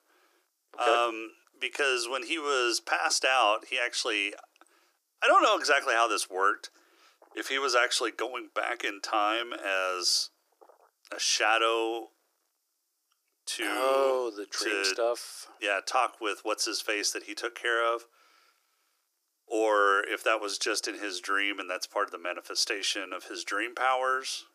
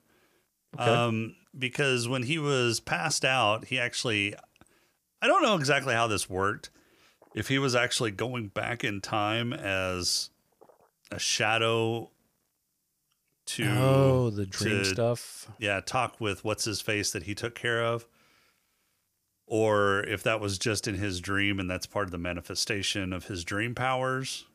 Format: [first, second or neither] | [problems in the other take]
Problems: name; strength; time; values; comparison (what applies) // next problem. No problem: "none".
second | thin; very; fading below 300 Hz